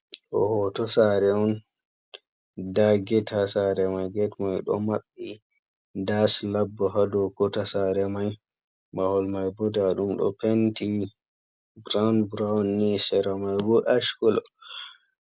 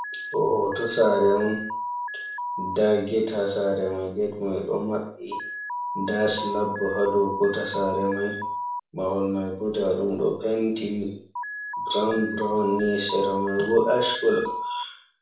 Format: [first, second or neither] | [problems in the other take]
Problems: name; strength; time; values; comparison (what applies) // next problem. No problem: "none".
first | background sound (Alarm); 8 dB below the speech // room echo; dies away in 0.5 s